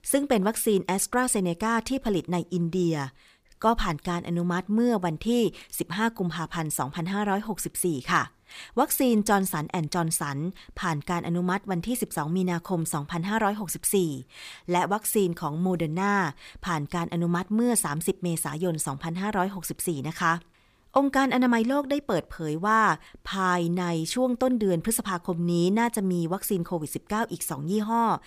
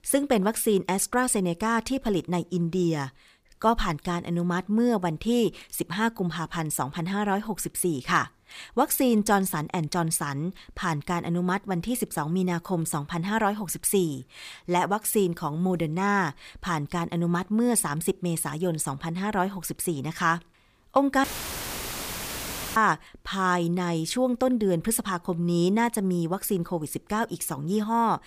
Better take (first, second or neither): first